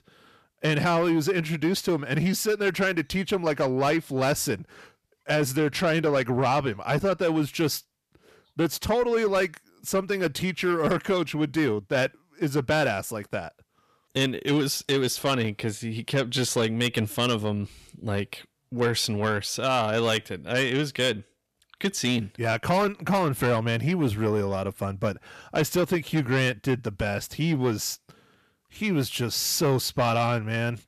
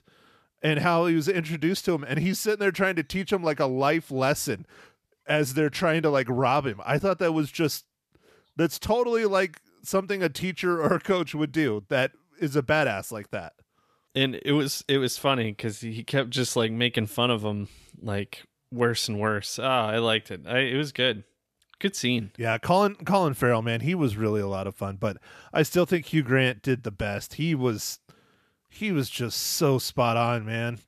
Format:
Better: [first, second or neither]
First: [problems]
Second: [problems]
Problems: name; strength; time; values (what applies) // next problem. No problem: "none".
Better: second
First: distortion; slight; 10 dB below the speech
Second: none